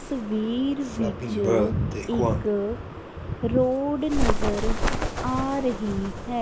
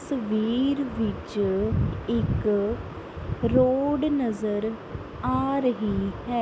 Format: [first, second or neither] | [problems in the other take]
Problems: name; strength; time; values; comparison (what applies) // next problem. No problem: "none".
second | background sound (Bird); 2 dB below the speech